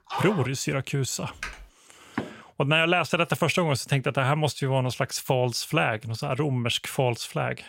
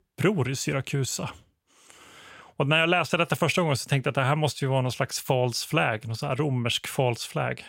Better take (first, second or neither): second